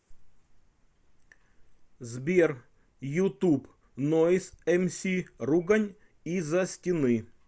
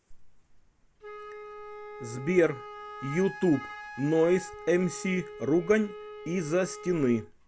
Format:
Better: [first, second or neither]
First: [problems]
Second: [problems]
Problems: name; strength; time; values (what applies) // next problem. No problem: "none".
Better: first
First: none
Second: background sound (Wind instrument, woodwind instrument); 14 dB below the speech